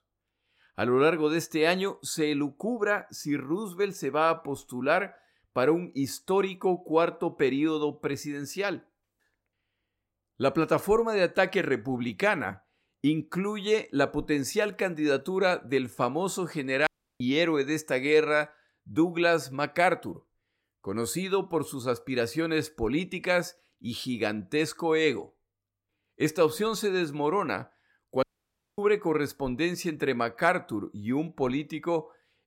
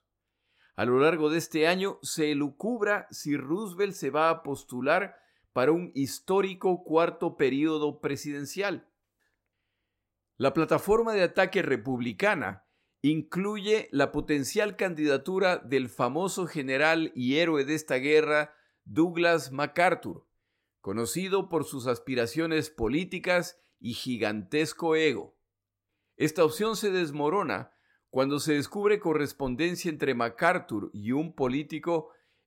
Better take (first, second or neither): second